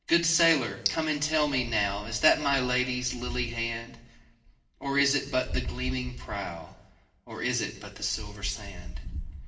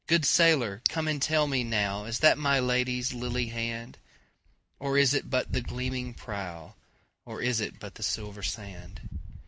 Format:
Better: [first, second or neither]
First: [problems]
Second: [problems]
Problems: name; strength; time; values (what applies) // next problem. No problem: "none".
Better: second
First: room echo; dies away in 0.7 s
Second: none